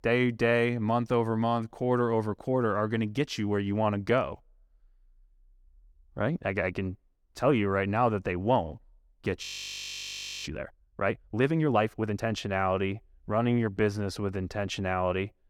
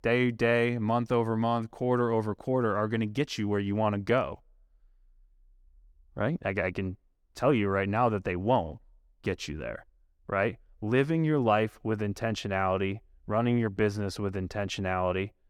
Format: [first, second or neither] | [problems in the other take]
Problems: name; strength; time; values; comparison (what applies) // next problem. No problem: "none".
second | audio freezing; at 9.5 s for 1 s